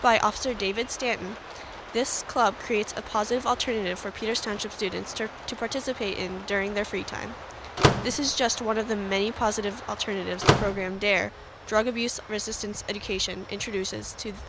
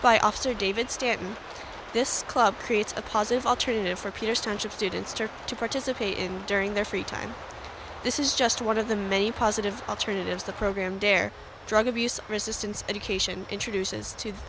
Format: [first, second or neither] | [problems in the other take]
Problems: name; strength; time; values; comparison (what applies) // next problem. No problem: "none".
second | background sound (Slam / Microwave oven); 2 dB above the speech